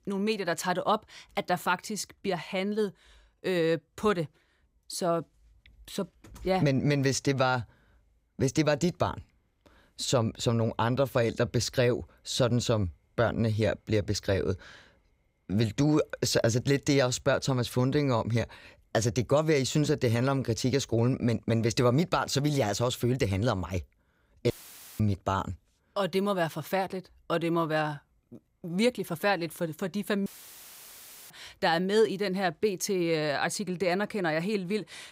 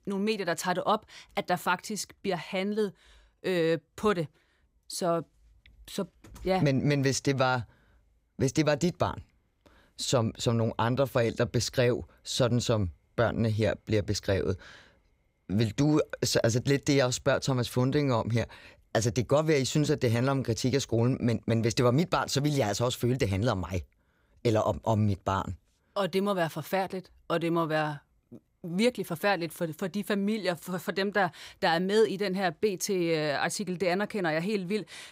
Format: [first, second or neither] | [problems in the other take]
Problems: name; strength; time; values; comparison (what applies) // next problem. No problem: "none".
second | audio cutting out; filled with static; at 25 s for 0.5 s and at 30 s for 1 s